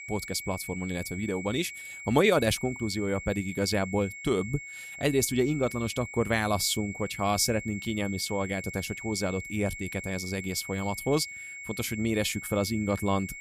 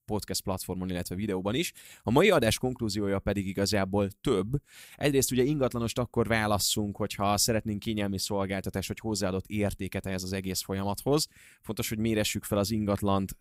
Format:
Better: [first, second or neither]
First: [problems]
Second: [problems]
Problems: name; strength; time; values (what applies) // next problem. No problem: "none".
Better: second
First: high-pitched whine; noticeable; throughout; 2 kHz, 10 dB below the speech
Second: none